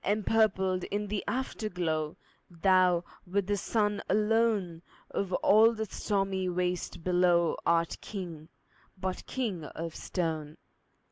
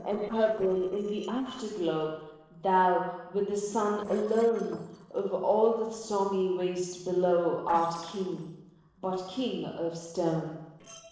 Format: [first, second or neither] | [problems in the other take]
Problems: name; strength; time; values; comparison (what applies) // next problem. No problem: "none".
first | noise reduction (neural separator model SepFormer DNS4)